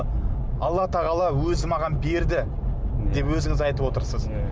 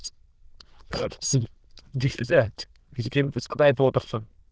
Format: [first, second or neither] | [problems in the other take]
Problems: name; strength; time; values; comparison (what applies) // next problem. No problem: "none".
first | noise reduction (neural diffusion model UNIVERSE++)